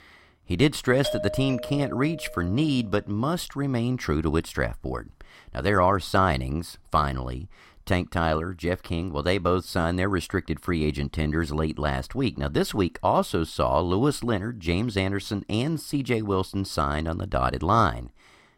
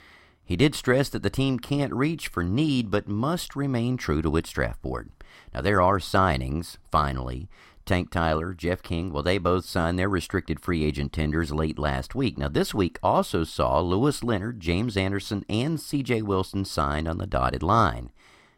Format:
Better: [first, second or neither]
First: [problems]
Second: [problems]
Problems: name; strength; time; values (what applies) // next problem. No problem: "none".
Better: second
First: doorbell; noticeable; from 1 to 2.5 s; peak 4 dB below the speech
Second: none